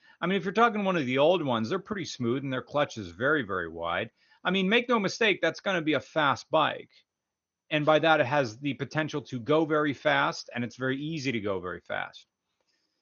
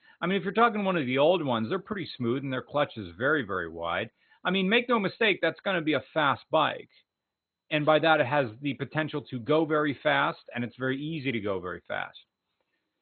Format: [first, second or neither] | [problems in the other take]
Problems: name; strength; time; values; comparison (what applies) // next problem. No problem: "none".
first | garbled, watery; badly; nothing above 4 kHz; slightly in the first